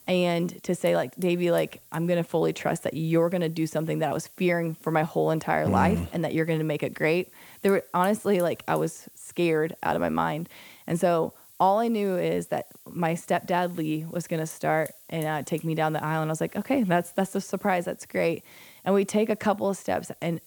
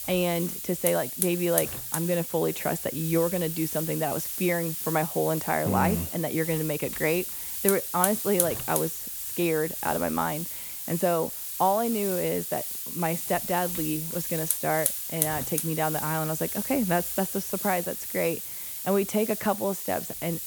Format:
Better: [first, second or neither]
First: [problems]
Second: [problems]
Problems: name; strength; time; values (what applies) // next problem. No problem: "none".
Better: first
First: hiss; faint; throughout; 20 dB below the speech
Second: hiss; loud; throughout; 2 dB below the speech